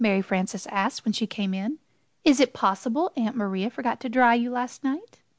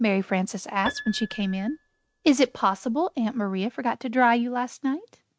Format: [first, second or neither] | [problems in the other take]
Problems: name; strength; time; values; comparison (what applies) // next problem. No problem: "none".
first | noise reduction (neural mask model RNNoise)